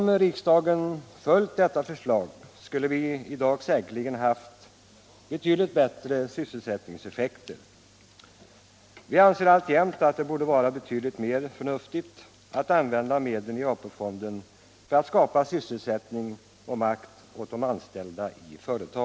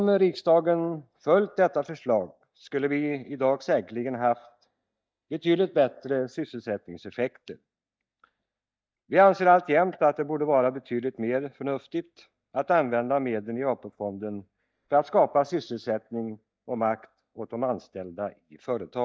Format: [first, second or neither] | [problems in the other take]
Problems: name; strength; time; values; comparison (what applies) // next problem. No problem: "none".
first | noise reduction (neural mask model DeepFilterNet 3)